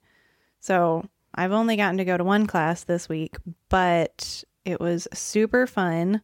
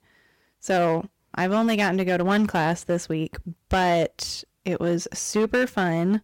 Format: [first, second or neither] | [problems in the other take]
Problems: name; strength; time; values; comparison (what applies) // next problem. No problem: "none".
first | distortion; slight; 7% of the sound clipped